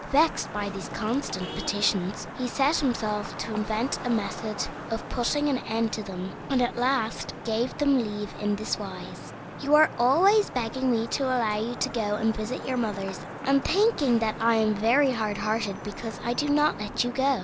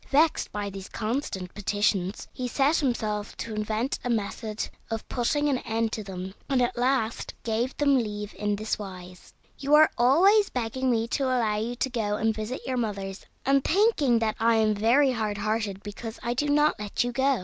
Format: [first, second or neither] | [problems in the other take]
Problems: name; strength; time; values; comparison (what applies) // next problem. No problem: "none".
second | background sound (Traffic noise, roadway noise / Vehicle horn, car horn, honking); 11 dB below the speech